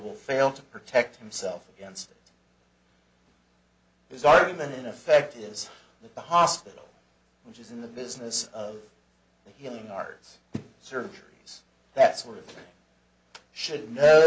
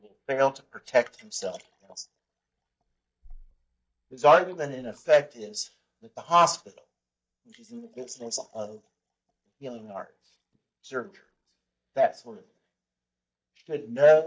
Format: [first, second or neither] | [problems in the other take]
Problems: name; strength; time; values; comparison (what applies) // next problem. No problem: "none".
first | noise reduction (neural mask model DeepFilterNet 3)